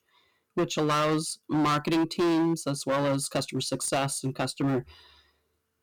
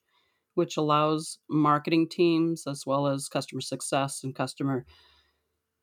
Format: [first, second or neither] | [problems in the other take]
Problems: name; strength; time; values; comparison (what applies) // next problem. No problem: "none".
second | distortion; heavy; 15% of the sound clipped